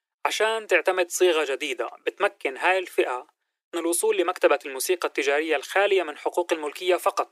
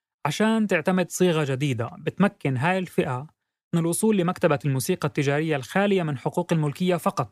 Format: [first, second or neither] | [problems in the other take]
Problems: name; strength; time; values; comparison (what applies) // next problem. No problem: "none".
second | thin; very; fading below 350 Hz